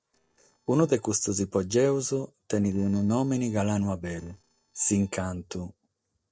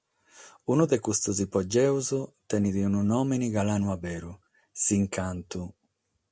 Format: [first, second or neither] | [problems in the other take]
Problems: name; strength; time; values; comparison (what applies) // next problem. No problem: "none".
second | noise reduction (neural separator model SepFormer DNS4)